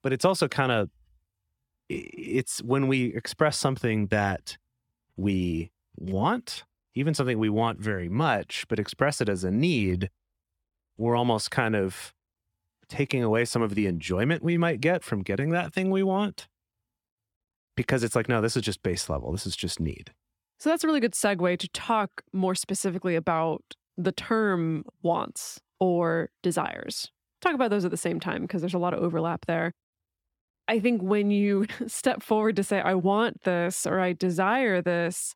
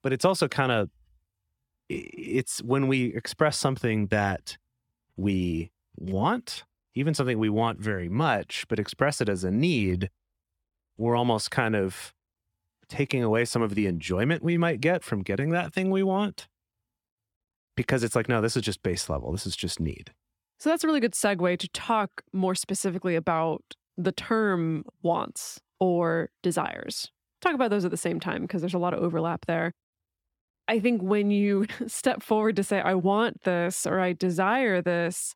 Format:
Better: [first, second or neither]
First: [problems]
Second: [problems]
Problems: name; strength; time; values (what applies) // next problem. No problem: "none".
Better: neither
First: none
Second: none